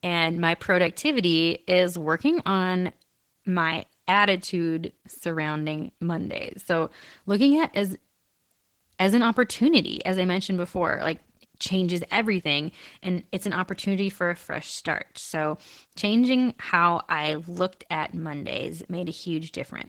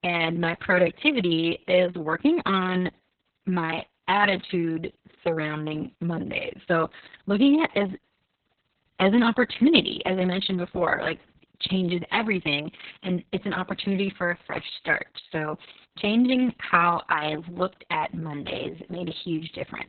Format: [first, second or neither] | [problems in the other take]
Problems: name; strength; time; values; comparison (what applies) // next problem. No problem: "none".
first | garbled, watery; badly; nothing above 4 kHz; slightly in the first